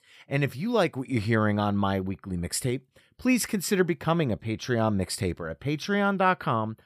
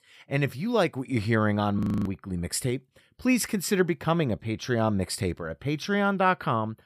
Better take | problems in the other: first | audio freezing; at 2 s

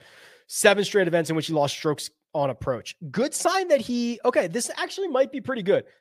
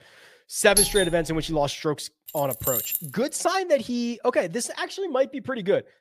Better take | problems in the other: first | doorbell; loud; at 1 s; peak 5 dB above the speech // jangling keys; loud; at 2.5 s; peak 1 dB above the speech

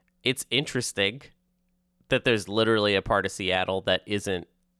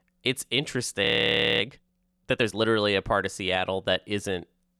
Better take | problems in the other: first | audio freezing; at 1 s for 0.5 s

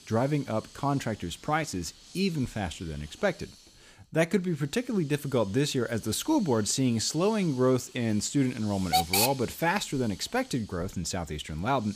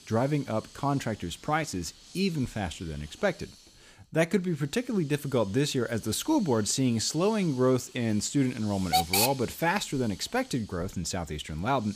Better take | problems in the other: neither | hiss; loud; throughout; 3 dB below the speech; the same in both

